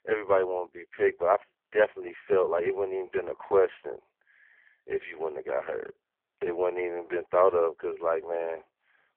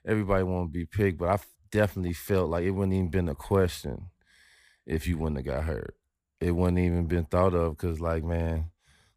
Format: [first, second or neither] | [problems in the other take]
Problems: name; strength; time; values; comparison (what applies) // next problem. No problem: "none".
second | phone-call audio; poor line